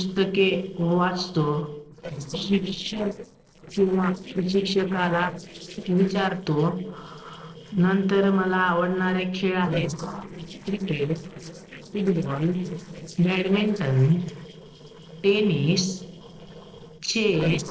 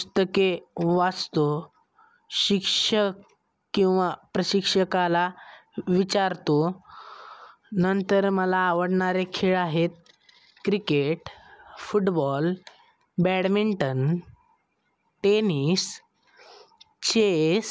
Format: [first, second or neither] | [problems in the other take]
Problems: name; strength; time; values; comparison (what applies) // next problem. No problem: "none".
second | noise reduction (neural separator model SepFormer DNS4)